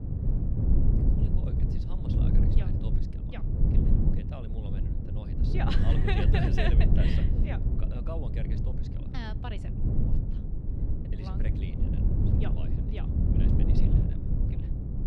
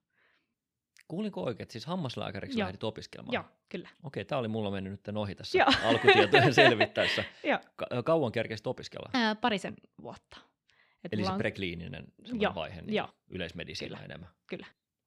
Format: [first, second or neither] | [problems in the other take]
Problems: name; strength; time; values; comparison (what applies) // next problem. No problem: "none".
second | low rumble; loud; throughout; as loud as the speech